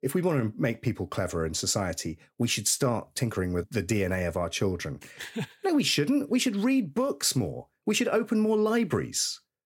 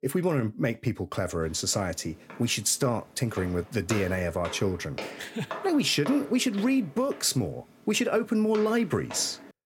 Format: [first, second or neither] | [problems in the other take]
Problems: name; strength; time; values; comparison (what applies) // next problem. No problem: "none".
first | footsteps; noticeable; from 1.5 s on; peak 9 dB below the speech